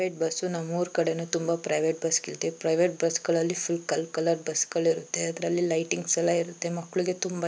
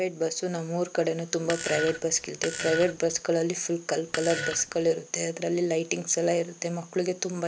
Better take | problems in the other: first | background sound (Fart); 7 dB below the speech

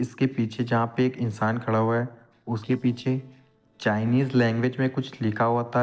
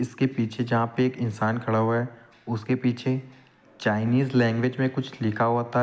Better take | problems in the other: second | noise reduction (neural separator model SepFormer DNS4)

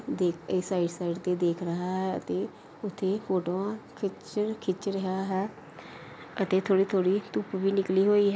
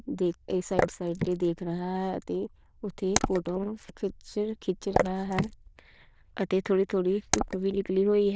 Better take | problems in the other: first | noise reduction (neural diffusion model UNIVERSE++)

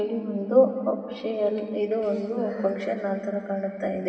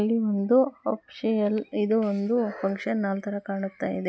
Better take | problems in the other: second | room echo; dies away in 2.6 s

